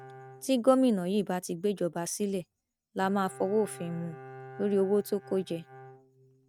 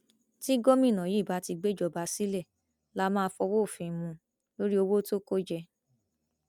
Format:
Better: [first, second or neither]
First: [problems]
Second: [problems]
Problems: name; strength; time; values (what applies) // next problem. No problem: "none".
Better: second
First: noise reduction (neural mask model RNNoise)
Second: none